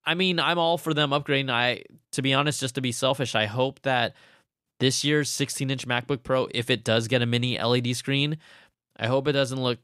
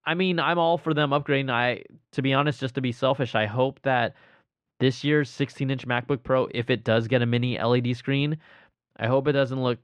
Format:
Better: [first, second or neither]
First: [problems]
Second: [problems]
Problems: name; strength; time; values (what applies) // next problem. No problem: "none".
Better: first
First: none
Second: muffled; slightly; fading above 2.5 kHz